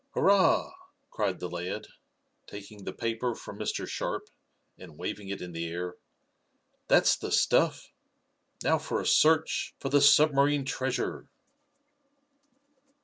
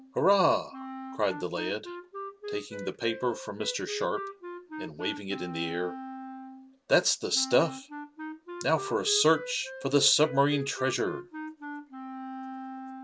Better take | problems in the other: first | background sound (Wind instrument, woodwind instrument); 10 dB below the speech

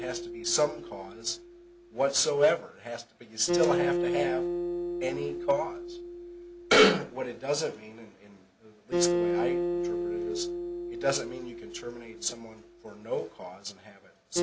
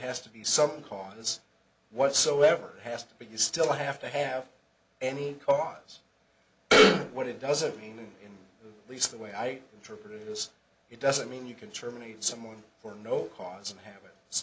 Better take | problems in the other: second | background sound (Acoustic guitar); 2 dB below the speech

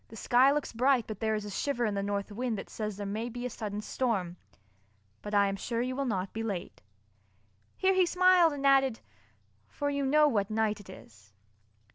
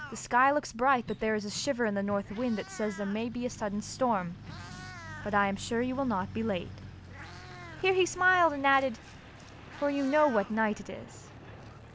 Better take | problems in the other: first | background sound (Truck + Meow); 15 dB below the speech

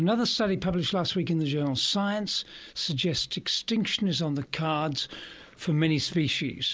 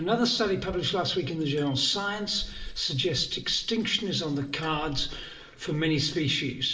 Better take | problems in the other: first | background sound (Bicycle bell); 16 dB below the speech // room echo; dies away in 0.6 s

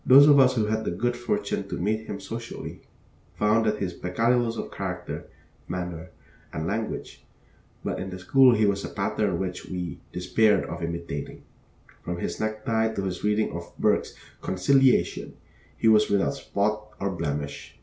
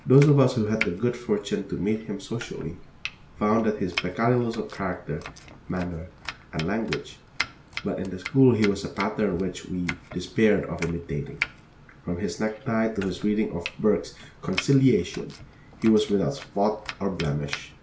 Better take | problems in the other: first | background sound (Domestic sounds, home sounds); 14 dB below the speech

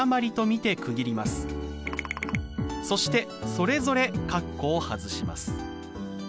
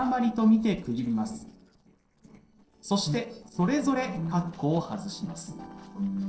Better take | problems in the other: first | noise reduction (neural separator model SepFormer DNS4)

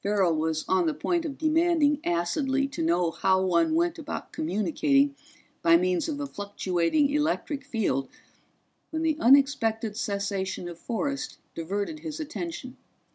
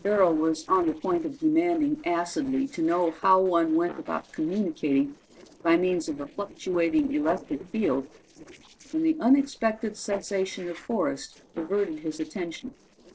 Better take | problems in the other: first | noise reduction (neural separator model SepFormer DNS4)

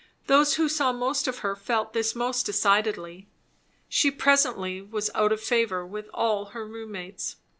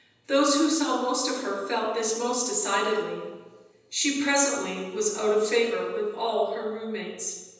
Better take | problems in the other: first | room echo; dies away in 1.1 s

